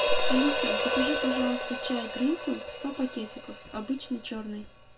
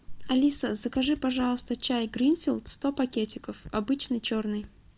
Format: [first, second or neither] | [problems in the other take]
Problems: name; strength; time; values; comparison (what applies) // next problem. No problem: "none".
second | background sound (Hi-hat); 2 dB below the speech // room echo; dies away in 0.2 s